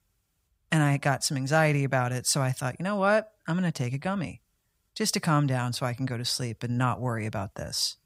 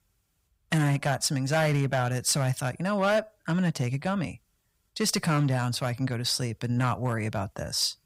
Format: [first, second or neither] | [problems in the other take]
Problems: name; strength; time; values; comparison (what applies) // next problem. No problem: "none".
first | distortion; slight; 4% of the sound clipped